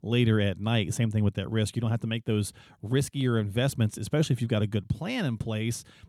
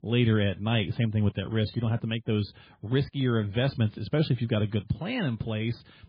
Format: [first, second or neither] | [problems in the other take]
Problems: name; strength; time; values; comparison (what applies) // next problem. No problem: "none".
first | garbled, watery; badly